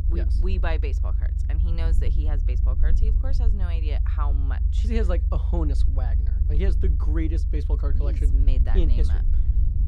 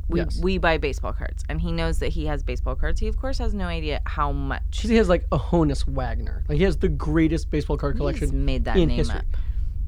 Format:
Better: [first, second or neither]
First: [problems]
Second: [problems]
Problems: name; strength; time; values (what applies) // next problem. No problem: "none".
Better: second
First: low rumble; loud; throughout; 6 dB below the speech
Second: low rumble; faint; throughout; 25 dB below the speech